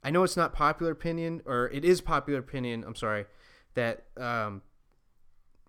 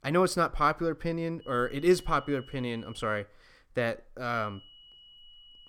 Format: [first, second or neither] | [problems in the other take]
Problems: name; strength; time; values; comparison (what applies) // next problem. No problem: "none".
first | high-pitched whine; faint; from 1.5 to 3 s and from 4.5 s on; 3 kHz, 25 dB below the speech